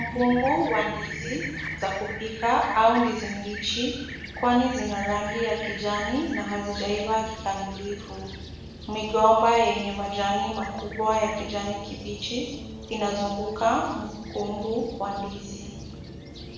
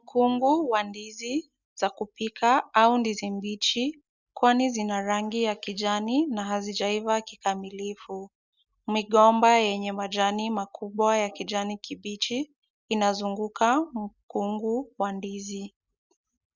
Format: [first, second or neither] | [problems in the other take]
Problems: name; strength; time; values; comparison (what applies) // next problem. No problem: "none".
second | background sound (Fixed-wing aircraft, airplane); 10 dB below the speech // room echo; dies away in 0.9 s